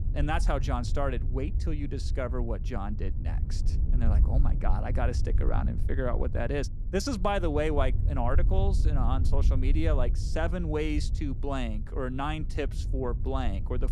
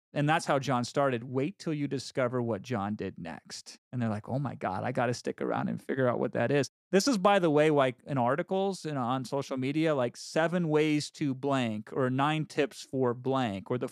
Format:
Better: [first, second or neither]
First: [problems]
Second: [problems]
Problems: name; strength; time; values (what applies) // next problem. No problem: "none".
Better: second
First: wind noise on the microphone; occasional gusts; 15 dB below the speech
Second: none